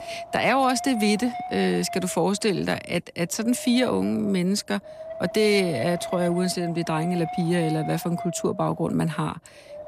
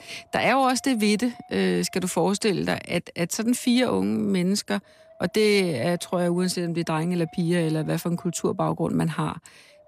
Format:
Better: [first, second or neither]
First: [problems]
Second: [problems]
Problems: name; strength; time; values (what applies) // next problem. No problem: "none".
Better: second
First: wind noise on the microphone; heavy; 8 dB below the speech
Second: wind noise on the microphone; occasional gusts; 25 dB below the speech